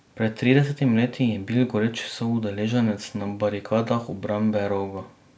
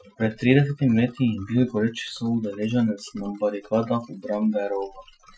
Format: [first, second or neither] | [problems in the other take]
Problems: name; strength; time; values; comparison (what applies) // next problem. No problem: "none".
first | noise reduction (classical method Wiener filter)